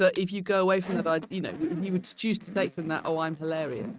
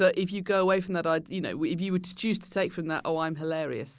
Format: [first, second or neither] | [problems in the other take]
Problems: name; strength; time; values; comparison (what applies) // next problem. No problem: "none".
second | noise reduction (neural mask model RNNoise)